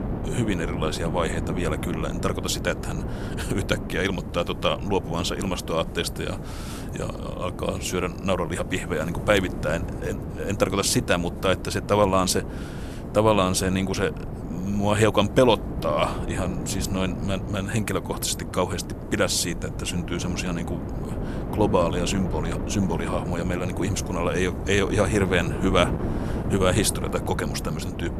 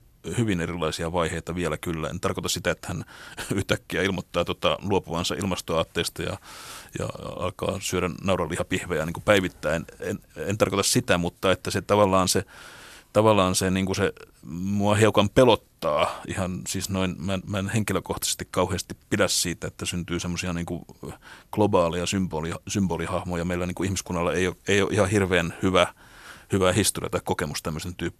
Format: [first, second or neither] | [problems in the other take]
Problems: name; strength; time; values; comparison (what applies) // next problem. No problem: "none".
second | wind noise on the microphone; occasional gusts; 10 dB below the speech